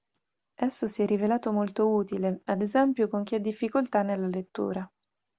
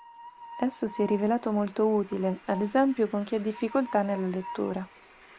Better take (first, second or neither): first